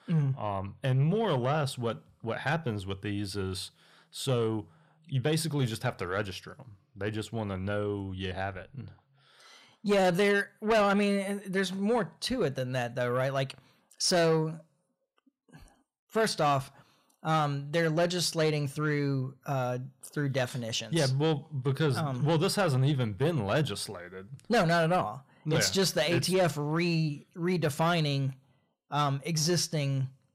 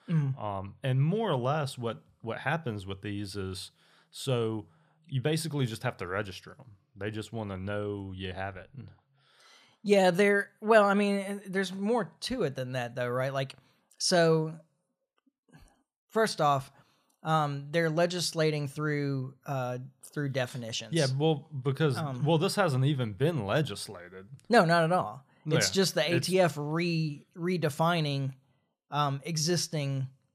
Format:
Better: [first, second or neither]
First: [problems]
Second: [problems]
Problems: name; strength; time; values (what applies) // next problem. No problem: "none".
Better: second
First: distortion; slight; 10 dB below the speech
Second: none